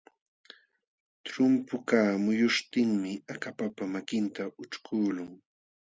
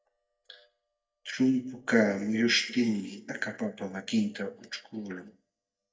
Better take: first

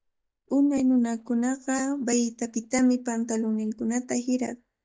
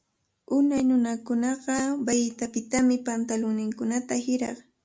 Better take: second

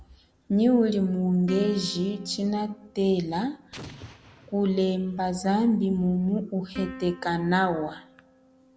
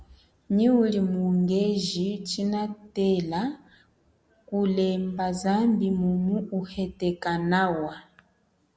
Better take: second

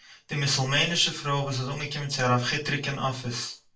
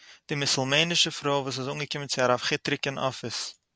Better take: second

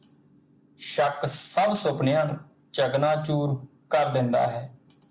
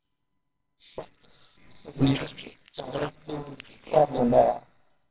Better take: first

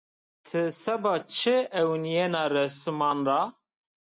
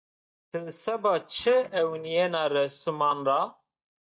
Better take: first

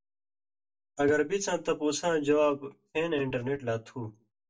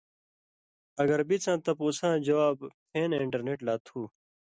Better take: second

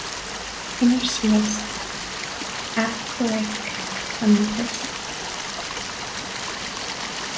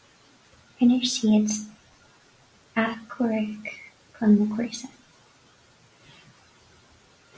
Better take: second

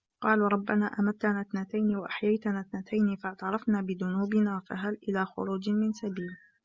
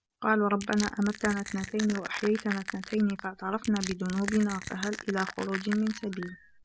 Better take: first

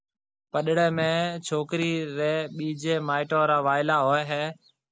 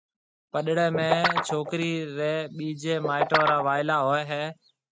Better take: first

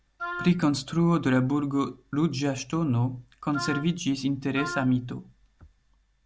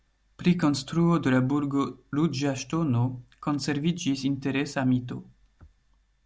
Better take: second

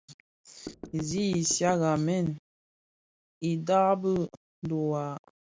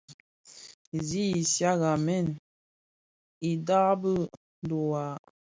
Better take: second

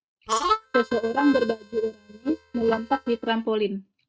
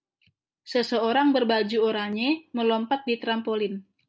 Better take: second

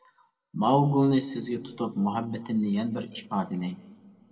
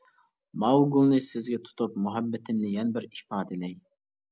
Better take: second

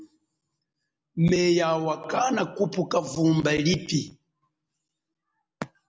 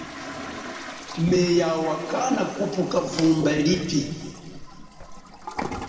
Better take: first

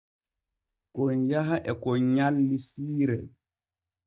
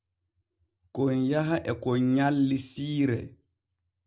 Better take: second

